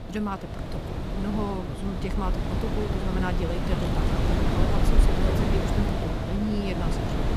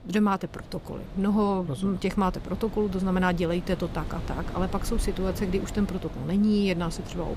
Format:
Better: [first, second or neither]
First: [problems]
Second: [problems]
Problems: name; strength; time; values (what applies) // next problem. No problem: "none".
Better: second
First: wind noise on the microphone; heavy; 3 dB above the speech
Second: wind noise on the microphone; occasional gusts; 15 dB below the speech